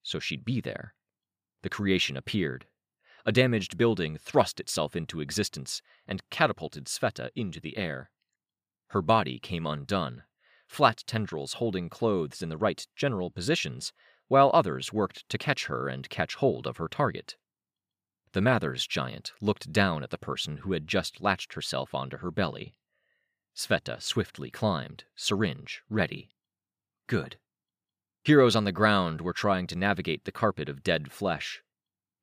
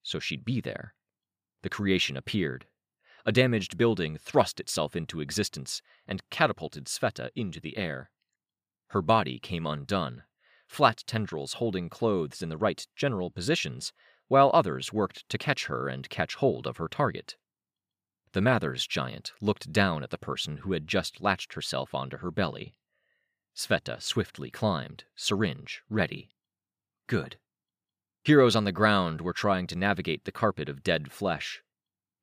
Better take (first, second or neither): neither